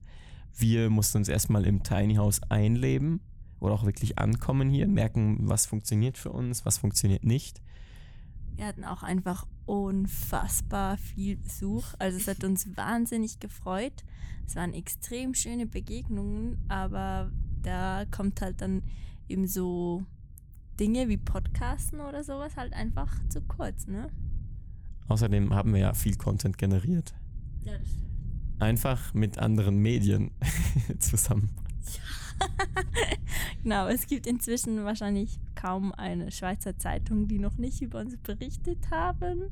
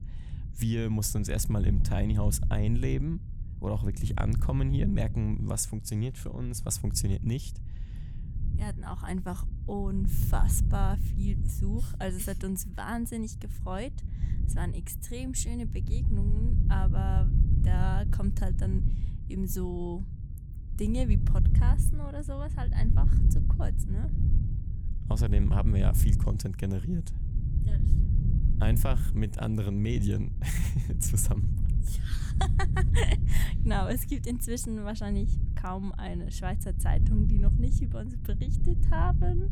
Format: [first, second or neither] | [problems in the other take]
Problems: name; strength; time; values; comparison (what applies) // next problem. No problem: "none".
first | low rumble; loud; throughout; 8 dB below the speech; faint in the first